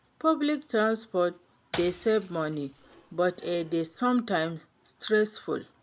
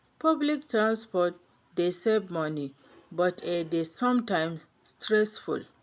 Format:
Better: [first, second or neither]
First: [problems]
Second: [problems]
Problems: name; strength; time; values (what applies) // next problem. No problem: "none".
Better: second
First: background sound (Shatter / Crushing); 17 dB below the speech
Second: none